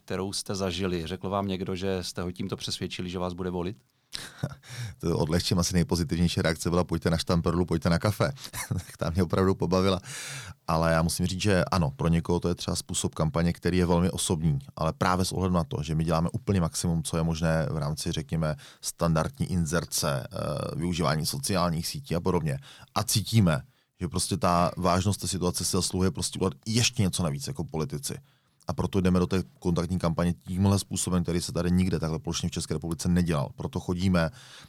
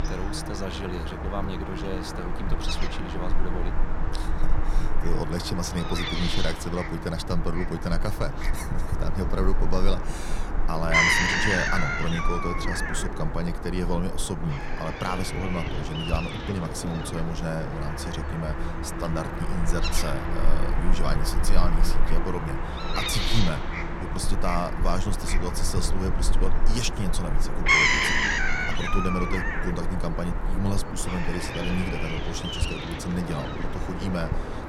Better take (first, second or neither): first